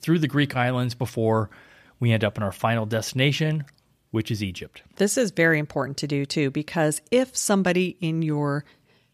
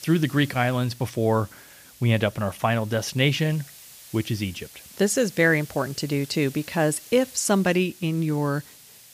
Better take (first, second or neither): first